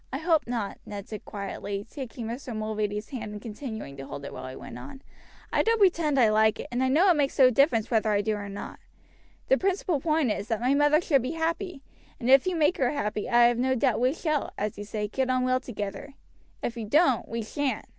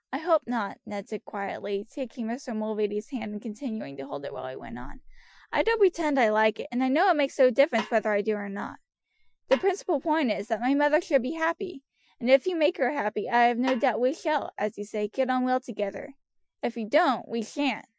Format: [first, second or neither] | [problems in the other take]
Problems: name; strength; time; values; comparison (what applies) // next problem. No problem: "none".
first | noise reduction (classical method Wiener filter)